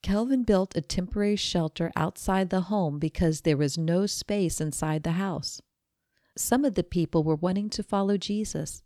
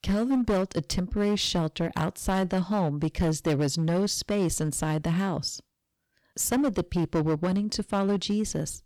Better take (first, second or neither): first